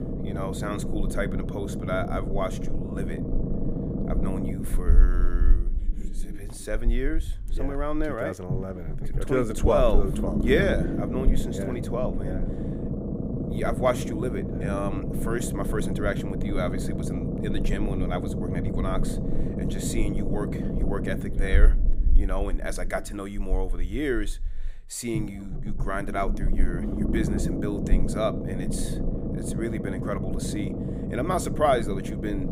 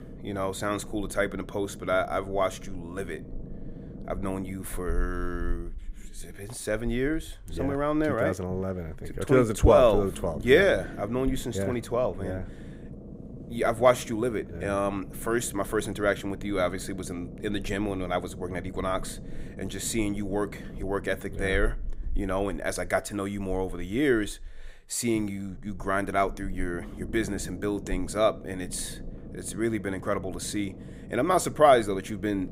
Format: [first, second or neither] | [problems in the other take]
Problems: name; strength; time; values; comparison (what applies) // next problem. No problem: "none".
second | low rumble; loud; throughout; 6 dB below the speech; faint in the second